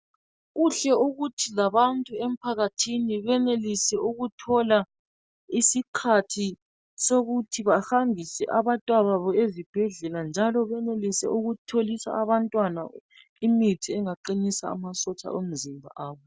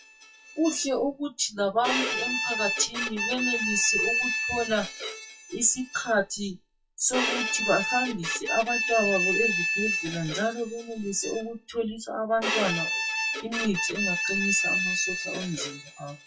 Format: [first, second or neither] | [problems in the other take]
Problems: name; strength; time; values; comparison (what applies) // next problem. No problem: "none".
first | noise reduction (classical method WPE with log-MMSE)